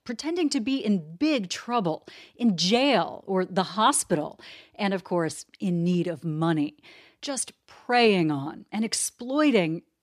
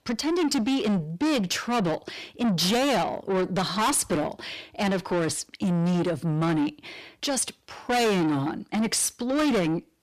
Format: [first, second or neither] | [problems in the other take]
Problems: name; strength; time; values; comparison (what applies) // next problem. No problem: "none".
first | distortion; heavy; 6 dB below the speech